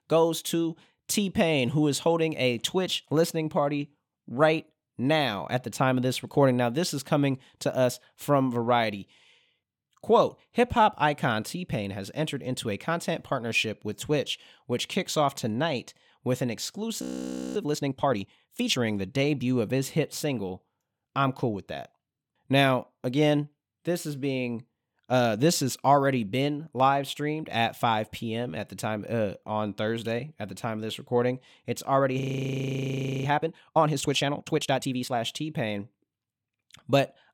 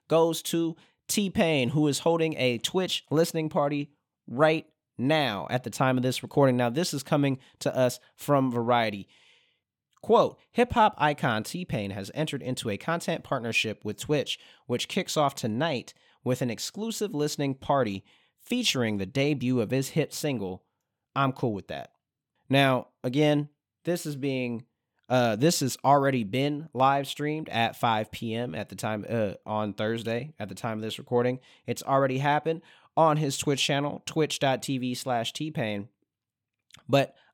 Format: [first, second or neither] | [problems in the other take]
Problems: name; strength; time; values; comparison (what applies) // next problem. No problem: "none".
second | audio freezing; at 17 s for 0.5 s and at 32 s for 1 s